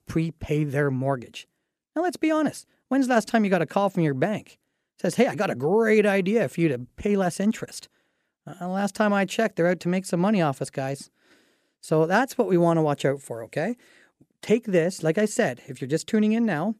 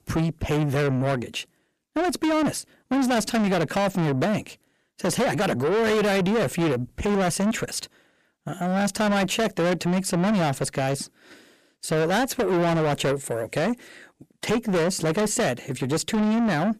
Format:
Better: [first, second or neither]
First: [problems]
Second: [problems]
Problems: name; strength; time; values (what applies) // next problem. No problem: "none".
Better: first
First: none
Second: distortion; heavy; 6 dB below the speech